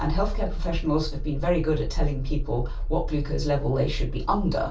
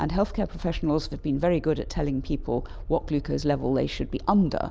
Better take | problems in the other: second | room echo; dies away in 0.2 s

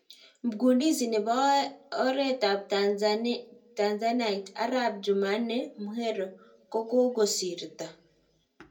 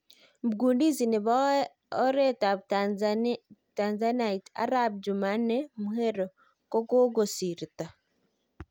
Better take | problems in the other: second | room echo; dies away in 0.2 s

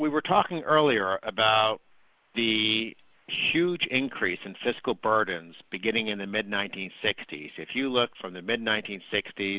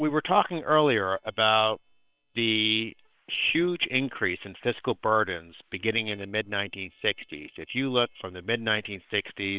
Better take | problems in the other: first | noise reduction (neural separator model SepFormer WHAM!)

